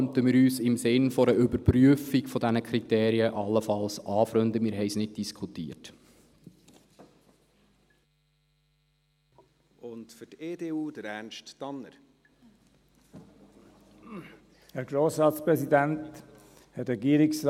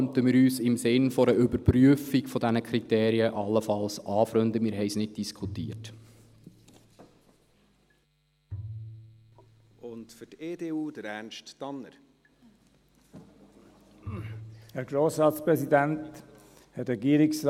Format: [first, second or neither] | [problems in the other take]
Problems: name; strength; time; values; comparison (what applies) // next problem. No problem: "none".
first | background sound (Bowed string instrument); 17 dB below the speech